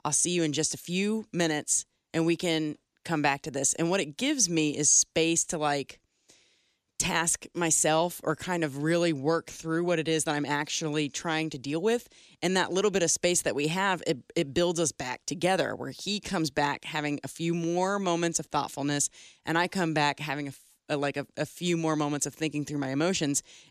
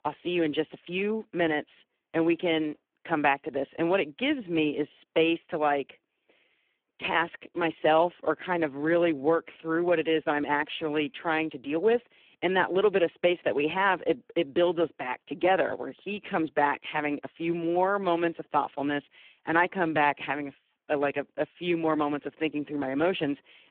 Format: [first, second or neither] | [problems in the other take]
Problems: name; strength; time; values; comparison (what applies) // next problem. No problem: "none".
first | phone-call audio; poor line